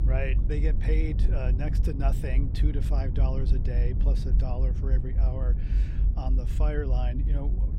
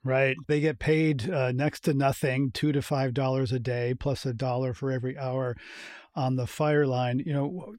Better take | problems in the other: second | low rumble; loud; throughout; 6 dB below the speech

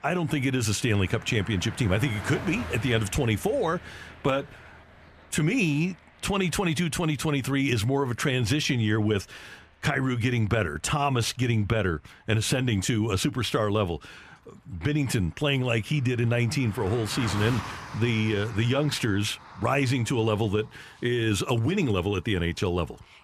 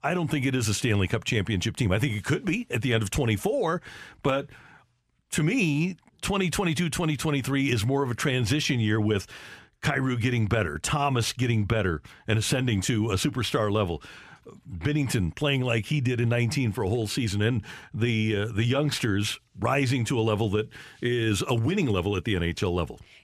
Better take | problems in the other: second | traffic noise; noticeable; throughout; 15 dB below the speech

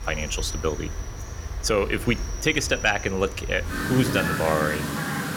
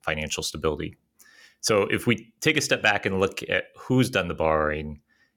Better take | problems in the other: second | animal sounds; loud; throughout; 5 dB below the speech

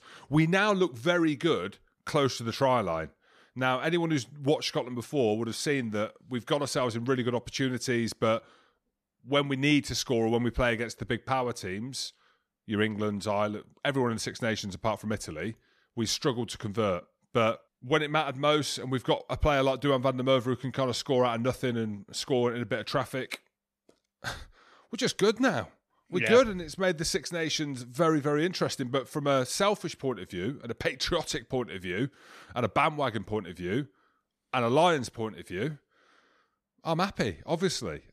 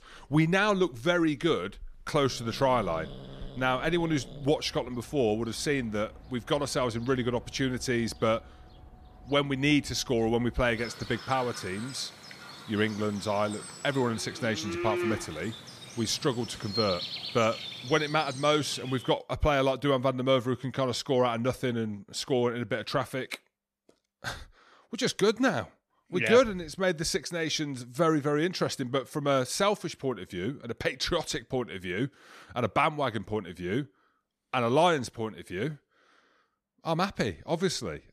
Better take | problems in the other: first | animal sounds; noticeable; until 19 s; 10 dB below the speech

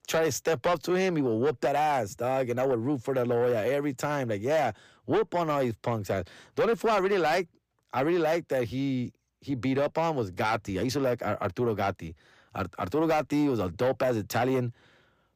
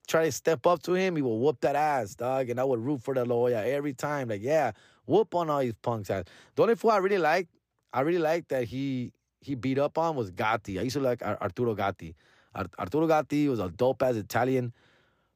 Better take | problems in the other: second | distortion; slight; 10 dB below the speech

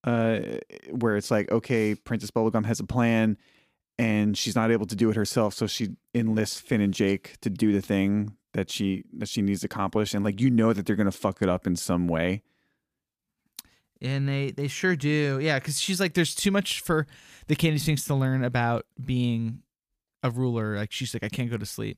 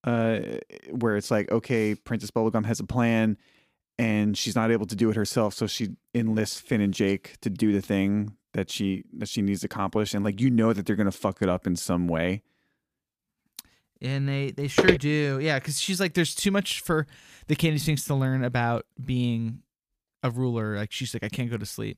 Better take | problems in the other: first | footsteps; loud; at 15 s; peak 4 dB above the speech

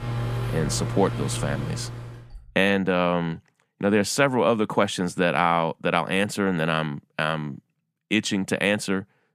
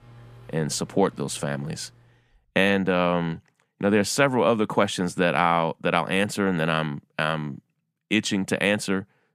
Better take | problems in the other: second | household noises; loud; until 2 s; 6 dB below the speech; faint in the second

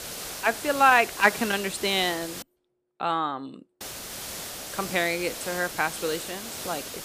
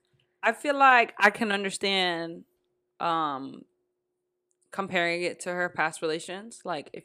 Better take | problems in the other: second | hiss; loud; until 2.5 s and from 4 s on; 9 dB below the speech

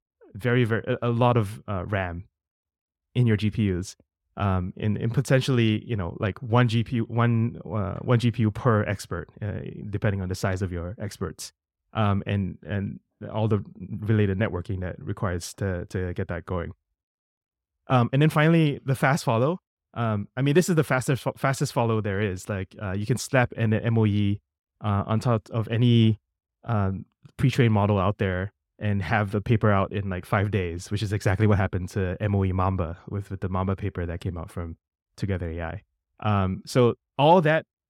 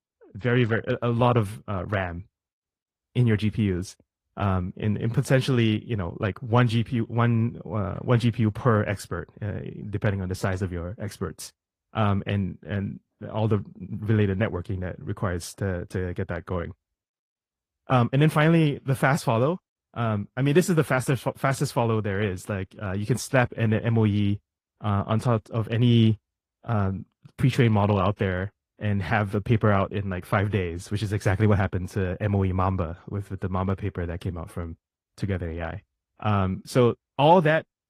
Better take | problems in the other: first | garbled, watery; slightly; nothing above 15 kHz

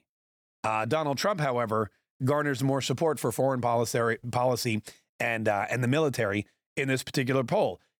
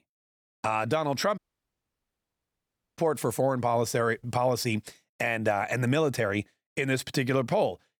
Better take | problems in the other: first | audio cutting out; at 1.5 s for 1.5 s

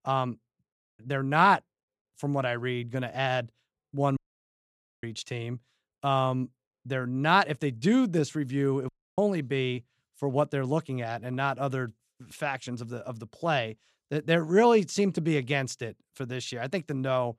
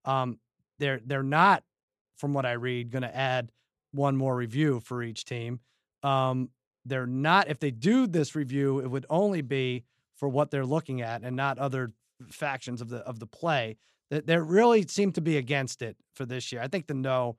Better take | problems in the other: second | audio cutting out; at 0.5 s, at 4 s for 1 s and at 9 s

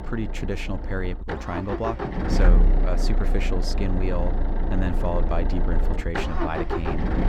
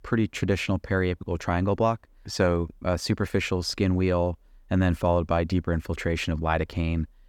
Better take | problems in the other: second | low rumble; loud; throughout; 1 dB below the speech

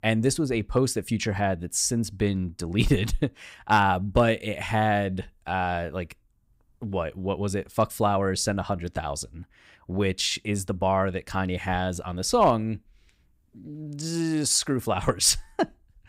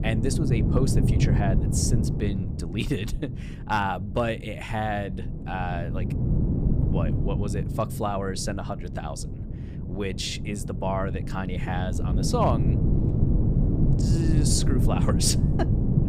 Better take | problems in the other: first | wind noise on the microphone; heavy; 5 dB below the speech

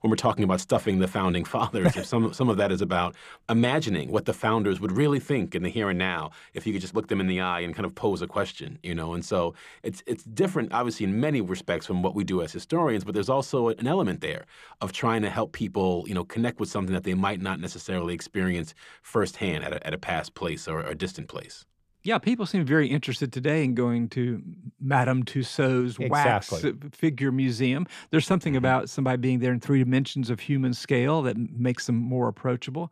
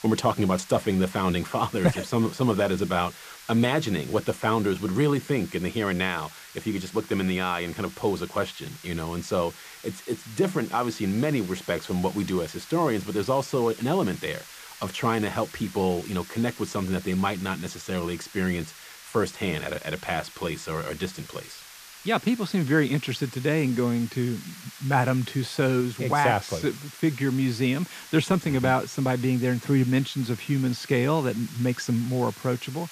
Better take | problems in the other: first | hiss; noticeable; throughout; 15 dB below the speech

